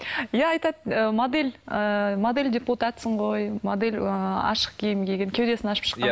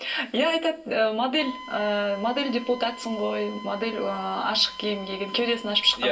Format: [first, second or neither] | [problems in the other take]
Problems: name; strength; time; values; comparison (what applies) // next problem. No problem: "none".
first | background sound (Wind instrument, woodwind instrument); 16 dB below the speech // room echo; dies away in 0.2 s